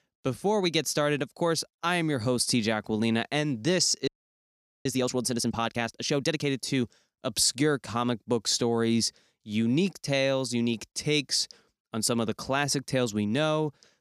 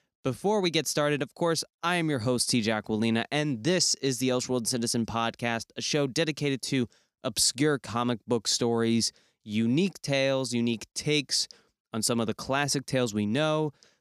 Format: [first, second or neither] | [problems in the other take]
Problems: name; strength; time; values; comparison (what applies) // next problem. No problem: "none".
second | audio freezing; at 4 s for 1 s